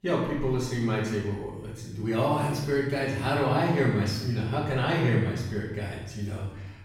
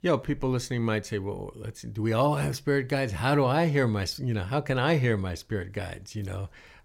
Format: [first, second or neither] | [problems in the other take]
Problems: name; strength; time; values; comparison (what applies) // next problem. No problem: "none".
second | off-mic speech; far // room echo; noticeable; dies away in 0.8 s